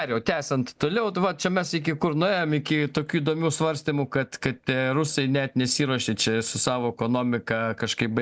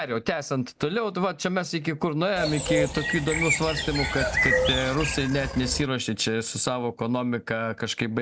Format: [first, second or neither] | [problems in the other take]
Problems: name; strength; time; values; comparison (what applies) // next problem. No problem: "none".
first | background sound (Bird); as loud as the speech